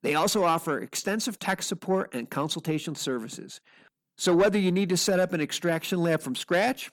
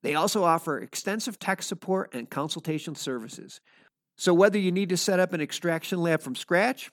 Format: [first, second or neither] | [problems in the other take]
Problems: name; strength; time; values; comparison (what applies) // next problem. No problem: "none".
second | distortion; slight; 10 dB below the speech